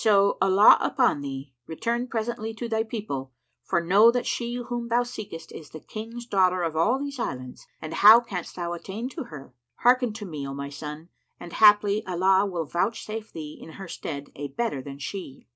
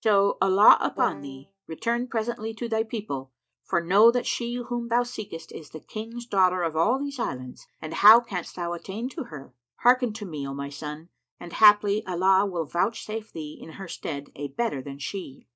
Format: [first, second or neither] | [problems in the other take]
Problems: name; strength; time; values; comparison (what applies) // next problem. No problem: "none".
first | noise reduction (neural mask model DeepFilterNet 3)